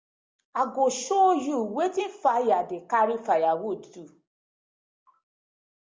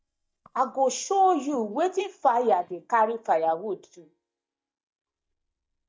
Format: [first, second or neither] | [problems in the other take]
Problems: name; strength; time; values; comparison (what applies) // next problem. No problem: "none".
first | noise reduction (neural mask model DeepFilterNet 3)